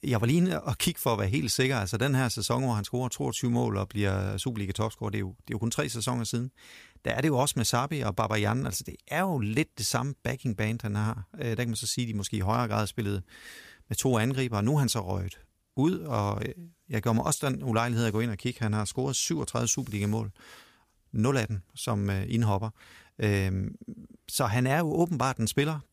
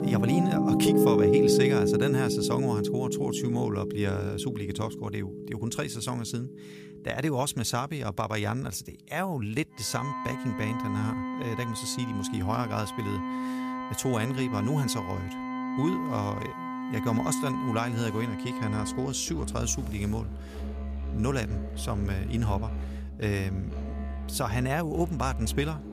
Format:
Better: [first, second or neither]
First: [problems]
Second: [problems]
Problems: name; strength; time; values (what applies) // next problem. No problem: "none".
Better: first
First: none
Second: background music; very loud; throughout; as loud as the speech